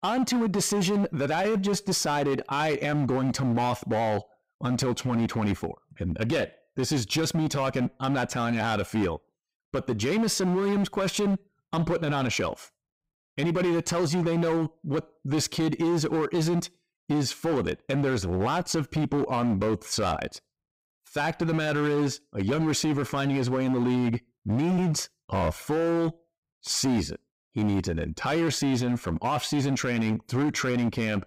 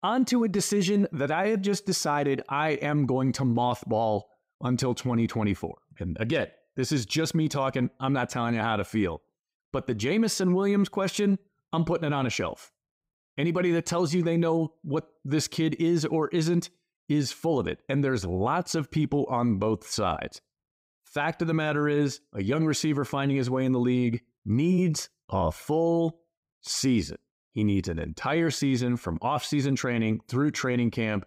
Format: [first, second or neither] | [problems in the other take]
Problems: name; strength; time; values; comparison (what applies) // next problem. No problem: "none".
second | distortion; slight; 16% of the sound clipped